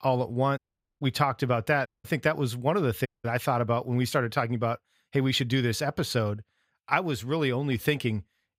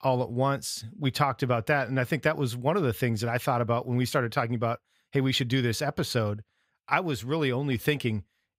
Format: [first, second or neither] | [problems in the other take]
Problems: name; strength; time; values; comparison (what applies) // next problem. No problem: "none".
second | audio cutting out; at 0.5 s, at 2 s and at 3 s